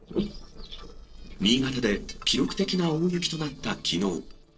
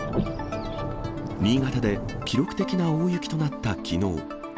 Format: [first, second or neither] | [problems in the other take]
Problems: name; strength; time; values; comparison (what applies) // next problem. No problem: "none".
second | noise reduction (neural separator model SepFormer DNS4)